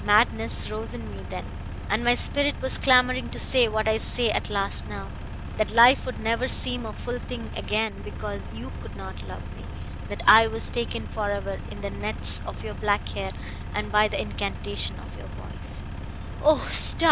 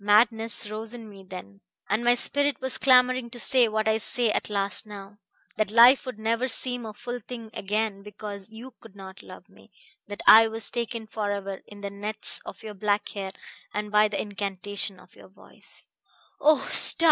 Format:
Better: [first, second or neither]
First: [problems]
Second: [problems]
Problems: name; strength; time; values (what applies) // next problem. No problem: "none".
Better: second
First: background sound (Engine); 6 dB below the speech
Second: none